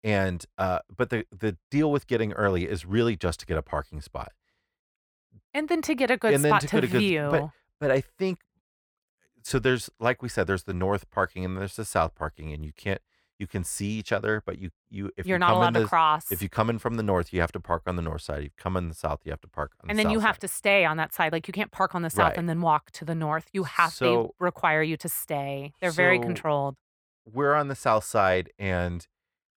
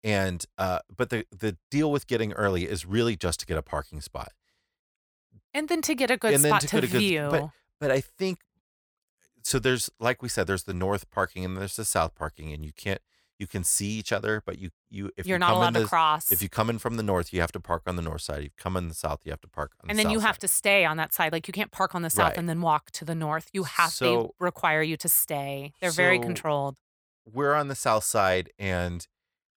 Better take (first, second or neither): second